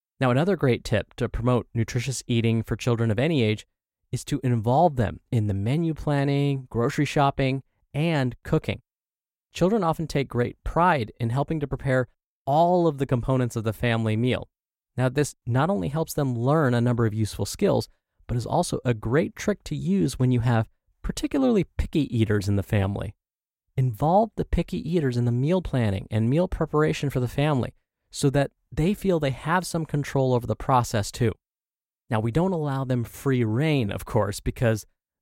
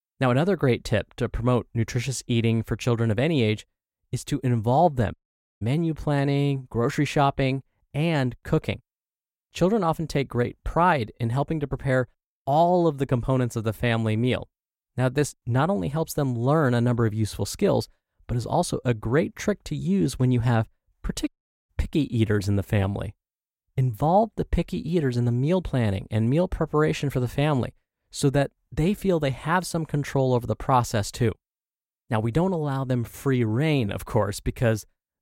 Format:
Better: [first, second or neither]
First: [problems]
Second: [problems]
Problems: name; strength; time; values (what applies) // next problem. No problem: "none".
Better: first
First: none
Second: audio cutting out; at 5 s and at 21 s